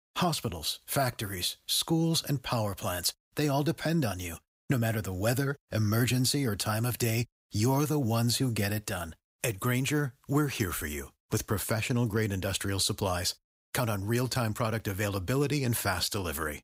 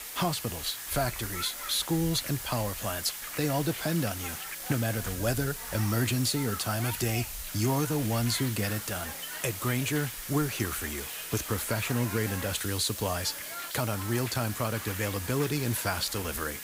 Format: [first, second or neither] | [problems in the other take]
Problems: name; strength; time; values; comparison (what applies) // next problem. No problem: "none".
first | hiss; loud; throughout; 6 dB below the speech